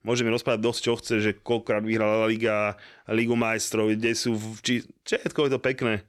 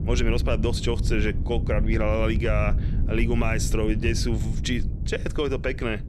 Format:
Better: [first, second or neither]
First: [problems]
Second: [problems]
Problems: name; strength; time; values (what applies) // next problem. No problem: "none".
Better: first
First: none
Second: low rumble; noticeable; throughout; 10 dB below the speech